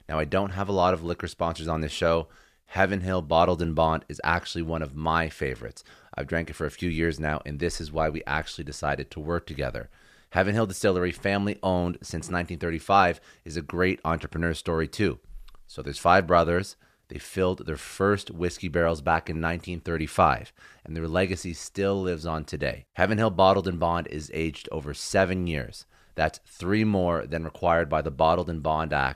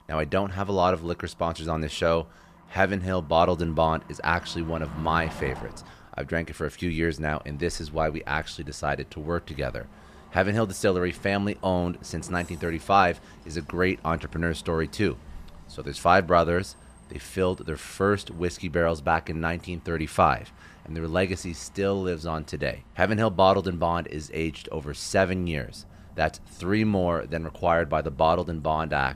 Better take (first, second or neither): first